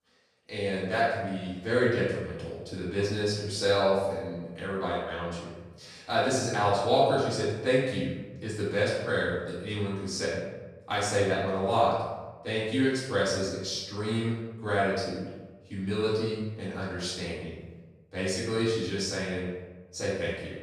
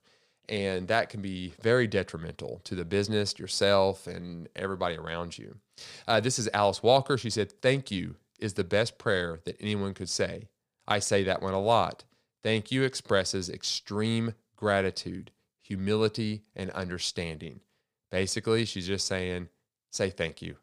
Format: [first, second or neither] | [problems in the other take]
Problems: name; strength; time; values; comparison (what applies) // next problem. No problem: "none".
second | room echo; noticeable; dies away in 1 s // off-mic speech; far